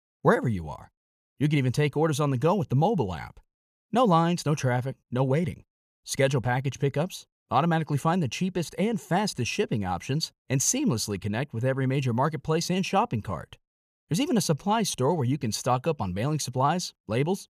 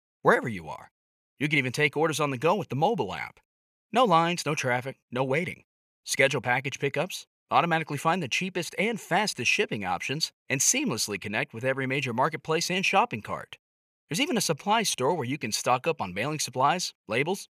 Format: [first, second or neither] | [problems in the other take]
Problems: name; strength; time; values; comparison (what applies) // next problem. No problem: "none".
first | thin; very slightly; fading below 800 Hz